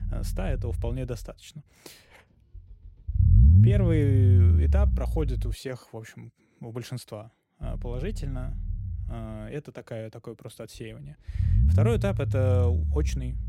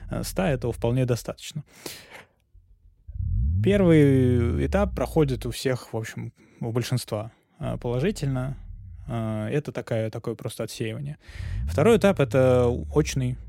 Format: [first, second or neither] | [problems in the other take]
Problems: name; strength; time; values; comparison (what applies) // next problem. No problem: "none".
second | low rumble; loud; until 5.5 s and from 7.5 s on; 3 dB below the speech; faint in the second